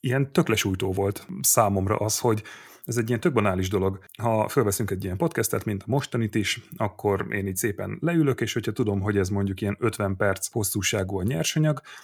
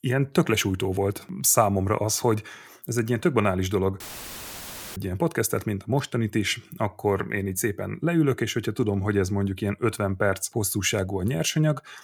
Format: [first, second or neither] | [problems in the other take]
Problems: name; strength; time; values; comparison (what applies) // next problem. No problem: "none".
first | audio cutting out; filled with static; at 4 s for 1 s